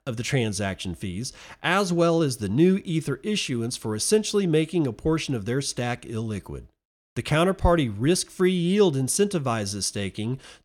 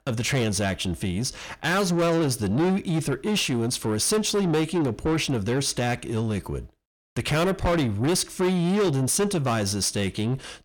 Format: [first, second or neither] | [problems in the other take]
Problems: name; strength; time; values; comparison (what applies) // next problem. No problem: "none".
first | distortion; heavy; 7 dB below the speech